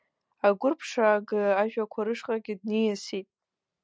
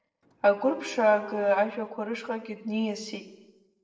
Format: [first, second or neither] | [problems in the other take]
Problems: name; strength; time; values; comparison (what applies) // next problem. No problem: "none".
first | noise reduction (neural separator model SepFormer DNS4)